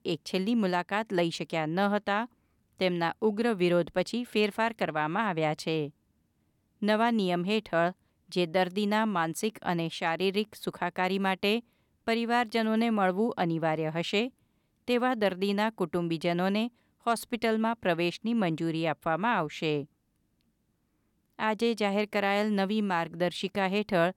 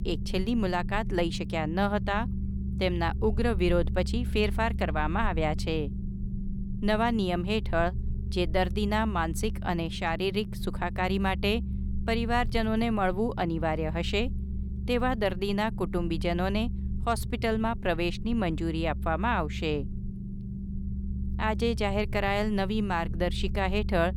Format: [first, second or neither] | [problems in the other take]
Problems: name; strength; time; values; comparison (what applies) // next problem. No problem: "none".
first | low rumble; noticeable; throughout; 15 dB below the speech